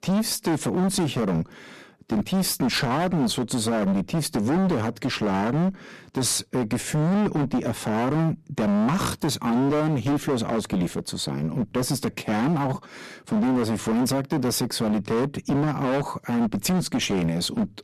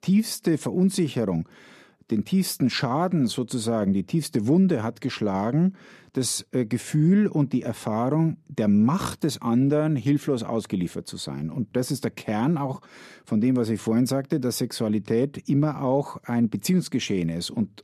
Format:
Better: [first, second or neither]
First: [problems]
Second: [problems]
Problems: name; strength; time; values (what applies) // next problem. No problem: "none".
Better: second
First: distortion; heavy; 26% of the sound clipped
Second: none